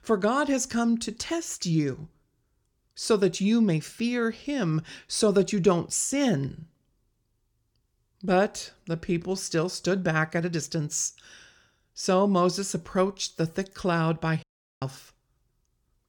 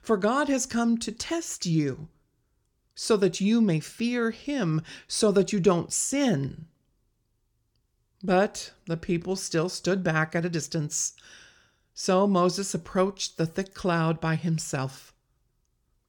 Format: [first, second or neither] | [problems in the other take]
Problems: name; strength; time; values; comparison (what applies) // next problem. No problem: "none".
second | audio cutting out; at 14 s